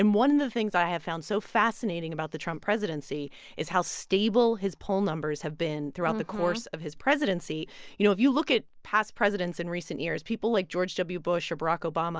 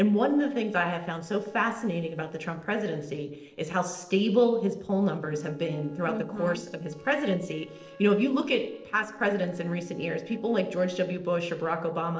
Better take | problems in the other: first | noise reduction (neural separator model SepFormer DNS4)

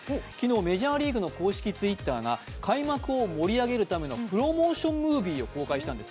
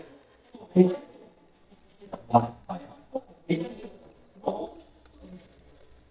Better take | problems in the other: first | noise reduction (neural mask model DeepFilterNet 3)

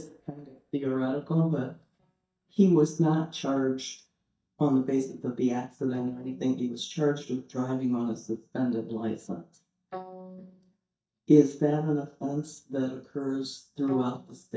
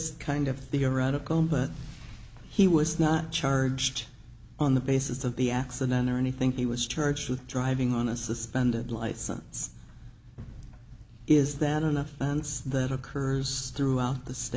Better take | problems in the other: second | noise reduction (neural mask model DeepFilterNet 3)

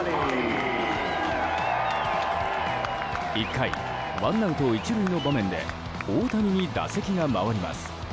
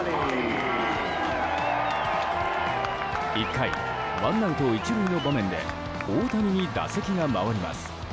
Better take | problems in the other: first | background sound (Trumpet); 9 dB below the speech

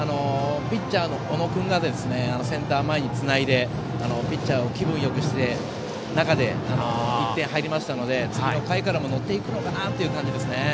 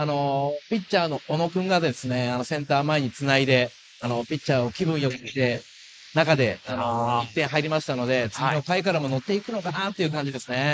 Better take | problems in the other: first | noise reduction (neural mask model Resemble Enhance denoiser)

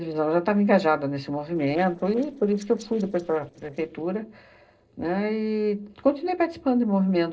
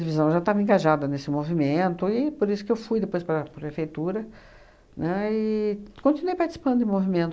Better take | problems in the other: second | noise reduction (neural separator model SepFormer DNS4)

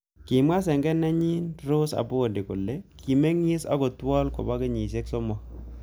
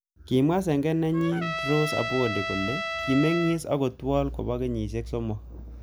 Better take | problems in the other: first | background sound (Trumpet); 6 dB below the speech

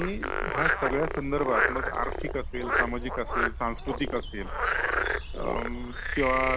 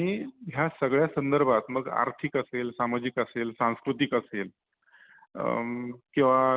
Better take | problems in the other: second | background sound (Frog); 2 dB above the speech

